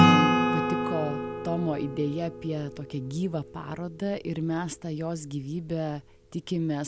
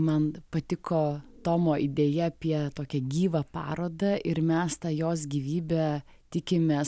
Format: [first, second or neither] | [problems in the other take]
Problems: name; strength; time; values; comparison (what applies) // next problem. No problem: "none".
second | background sound (Acoustic guitar / Strum); 2 dB above the speech